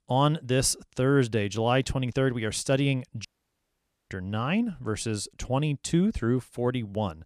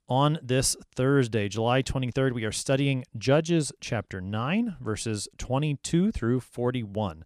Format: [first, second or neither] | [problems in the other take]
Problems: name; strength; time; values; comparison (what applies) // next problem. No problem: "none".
second | audio cutting out; at 3.5 s for 1 s